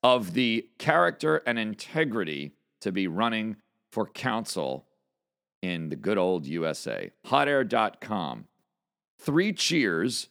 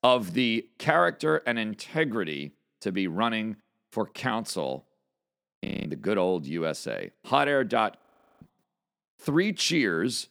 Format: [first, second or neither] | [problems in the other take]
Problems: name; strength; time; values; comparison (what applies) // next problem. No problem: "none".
first | audio freezing; at 5.5 s and at 8 s